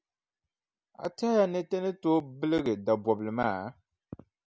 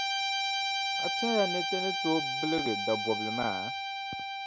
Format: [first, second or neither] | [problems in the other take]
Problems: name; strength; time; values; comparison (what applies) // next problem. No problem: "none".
first | background sound (Guitar); 2 dB above the speech